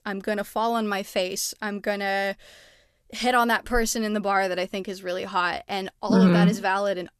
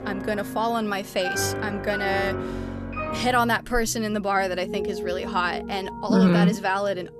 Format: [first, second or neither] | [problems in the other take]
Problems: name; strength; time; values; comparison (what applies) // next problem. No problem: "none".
first | background music; loud; throughout; 8 dB below the speech